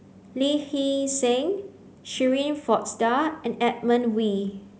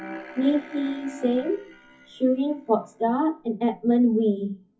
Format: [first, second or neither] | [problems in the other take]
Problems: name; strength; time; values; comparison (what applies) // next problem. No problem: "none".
first | noise reduction (classical method WPE with log-MMSE)